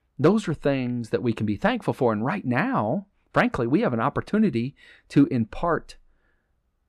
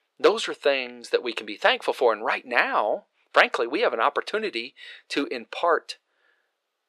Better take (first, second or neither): first